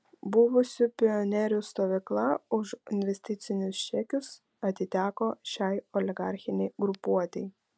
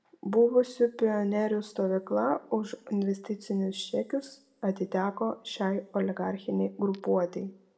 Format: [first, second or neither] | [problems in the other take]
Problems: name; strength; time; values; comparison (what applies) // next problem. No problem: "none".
first | room echo; dies away in 0.5 s